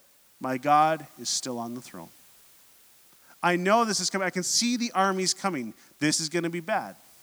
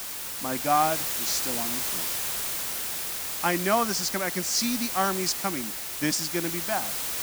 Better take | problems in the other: first | hiss; loud; throughout; 1 dB below the speech; faint in the first

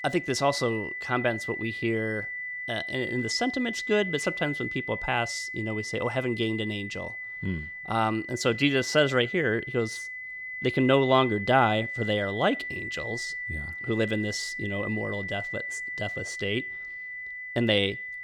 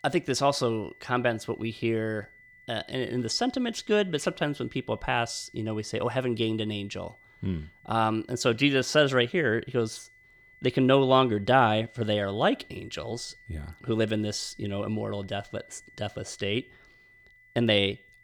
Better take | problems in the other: second | high-pitched whine; loud; throughout; 2 kHz, 6 dB below the speech; faint in the second

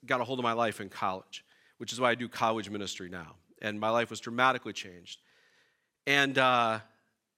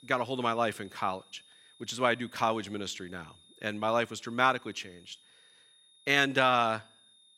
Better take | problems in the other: first | high-pitched whine; faint; throughout; 3.5 kHz, 30 dB below the speech

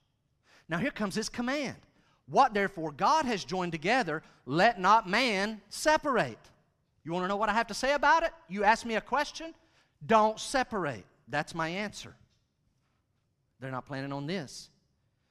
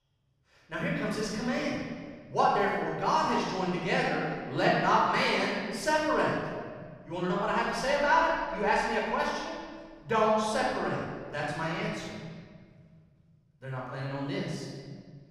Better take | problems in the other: first | off-mic speech; far // room echo; strong; dies away in 2 s

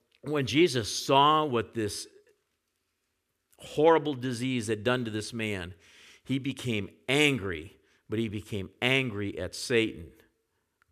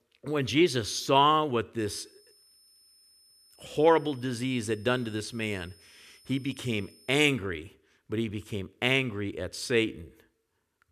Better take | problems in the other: first | high-pitched whine; faint; from 2 to 7 s; 5 kHz, 30 dB below the speech

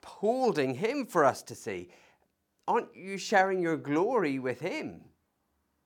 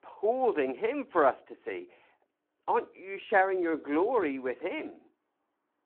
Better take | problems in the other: first | phone-call audio

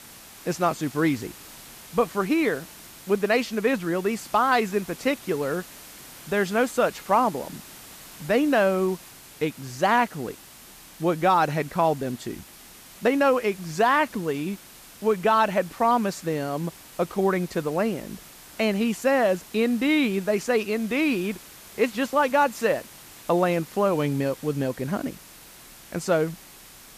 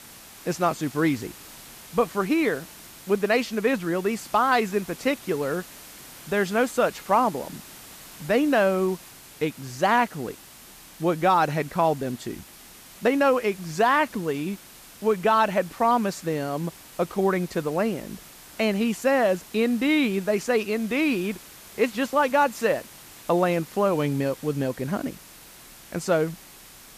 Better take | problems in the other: neither | hiss; noticeable; throughout; 20 dB below the speech; the same in both

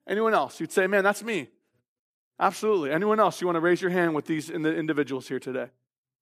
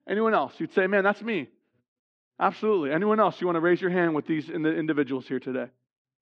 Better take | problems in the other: first | muffled; slightly; fading above 4 kHz

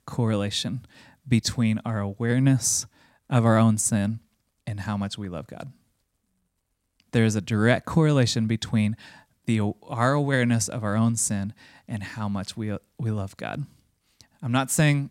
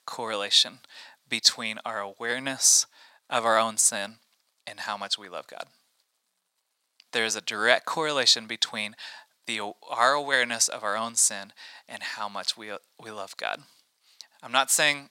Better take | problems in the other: first | thin; very; fading below 800 Hz

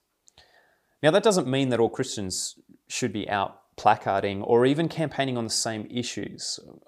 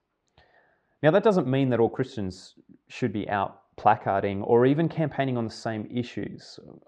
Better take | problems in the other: first | muffled; very; fading above 2.5 kHz

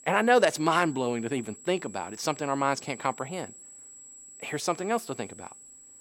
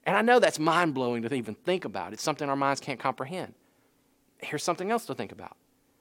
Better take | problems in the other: second | high-pitched whine; noticeable; throughout; 8 kHz, 20 dB below the speech

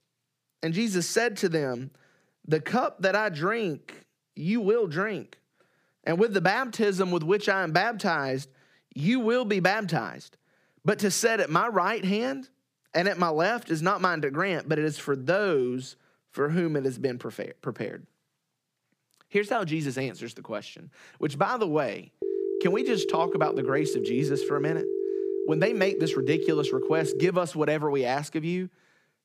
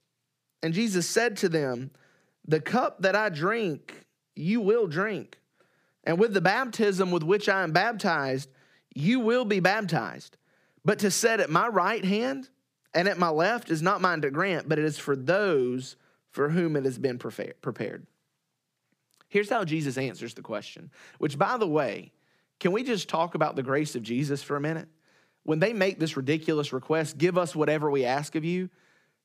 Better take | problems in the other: second | phone ringing; noticeable; from 22 to 27 s; peak 2 dB below the speech

